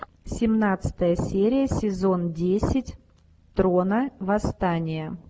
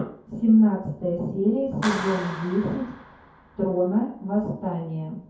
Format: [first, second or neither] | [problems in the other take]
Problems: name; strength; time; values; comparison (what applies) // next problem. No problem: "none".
first | background sound (Clapping); 15 dB below the speech // room echo; dies away in 0.6 s